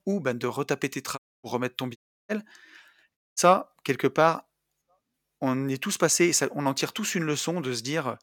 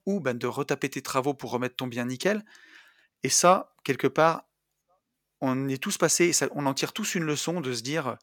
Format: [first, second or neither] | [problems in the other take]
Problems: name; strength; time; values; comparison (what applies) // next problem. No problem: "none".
second | audio cutting out; at 1 s, at 2 s and at 3 s